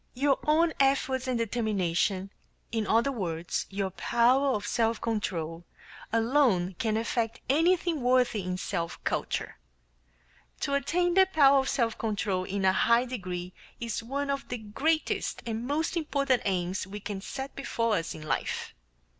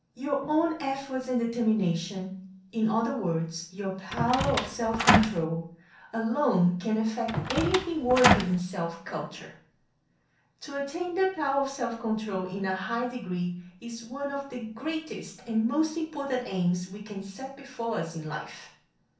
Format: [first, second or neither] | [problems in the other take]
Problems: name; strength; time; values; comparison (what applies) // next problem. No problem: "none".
first | background sound (Door); 3 dB above the speech // room echo; dies away in 0.6 s